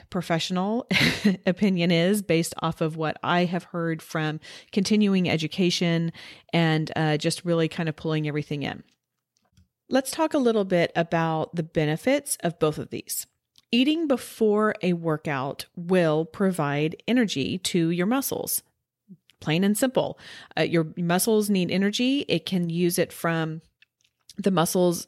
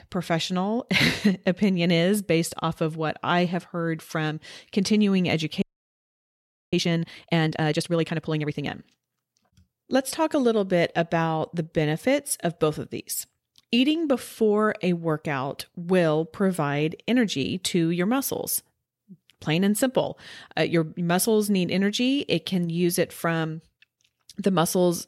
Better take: first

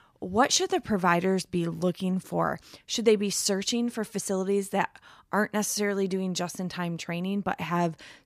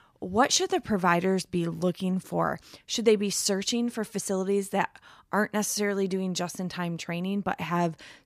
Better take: neither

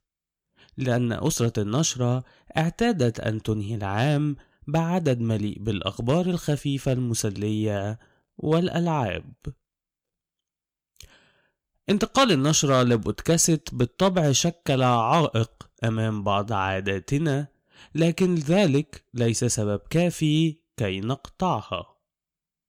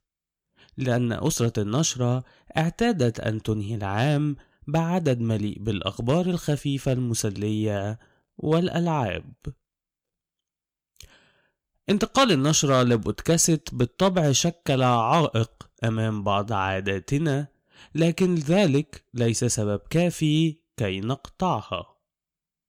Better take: neither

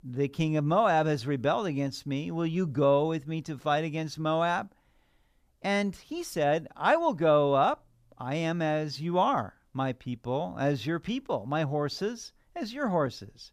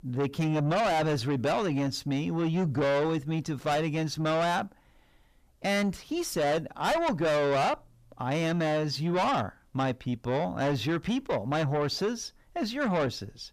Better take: first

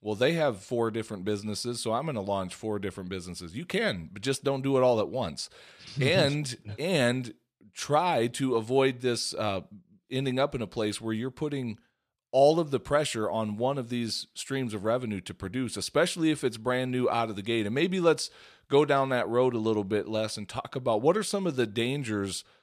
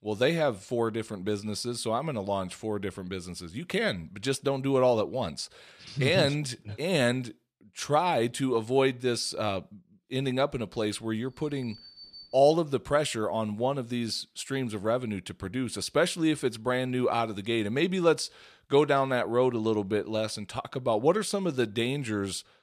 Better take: first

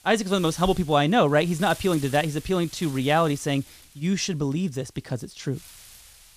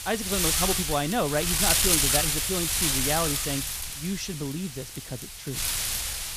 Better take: first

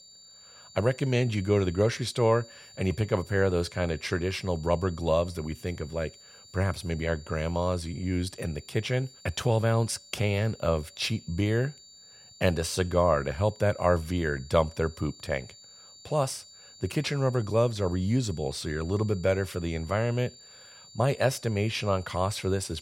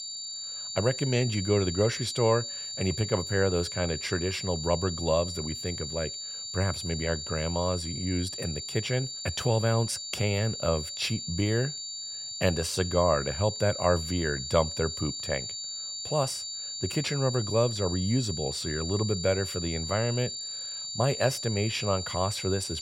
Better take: first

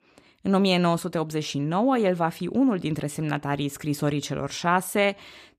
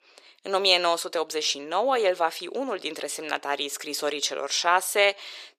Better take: first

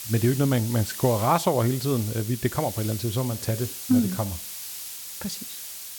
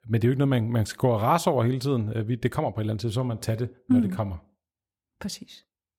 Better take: second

